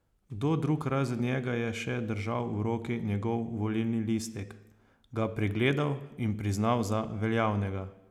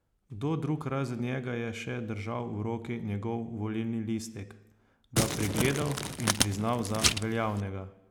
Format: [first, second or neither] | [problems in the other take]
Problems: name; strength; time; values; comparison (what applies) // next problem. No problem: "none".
first | background sound (Crumpling, crinkling); 2 dB above the speech